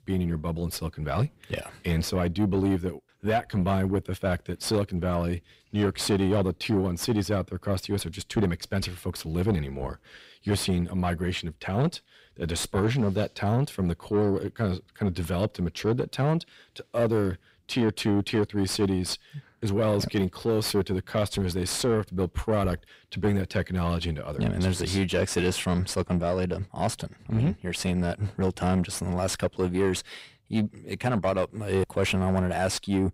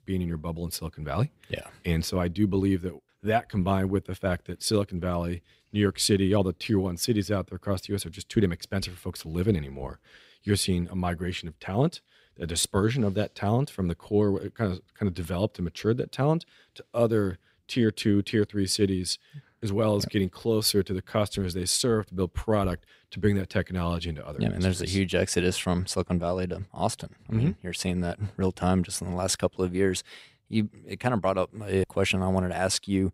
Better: second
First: distortion; slight; 10 dB below the speech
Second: none

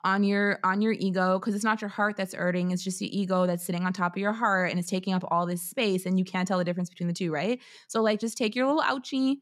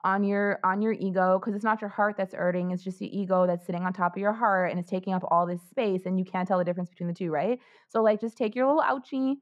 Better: first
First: none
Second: muffled; very; fading above 3.5 kHz

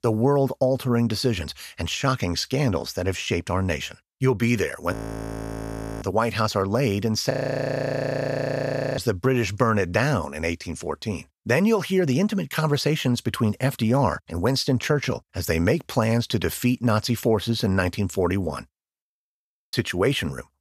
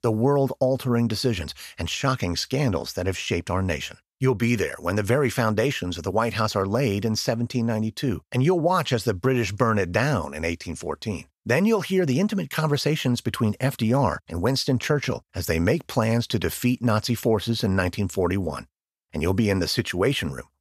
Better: second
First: audio freezing; at 5 s for 1 s, at 7.5 s for 1.5 s and at 19 s for 0.5 s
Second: none

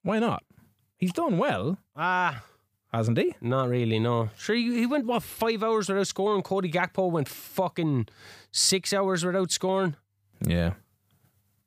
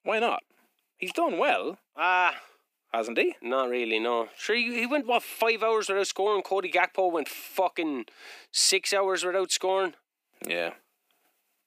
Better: first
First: none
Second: thin; somewhat; fading below 300 Hz

